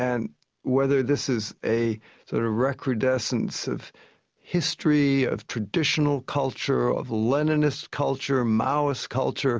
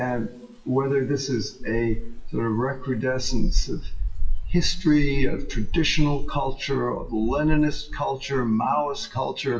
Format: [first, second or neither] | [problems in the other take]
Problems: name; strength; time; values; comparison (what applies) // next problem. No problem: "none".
first | noise reduction (classical method WPE with log-MMSE)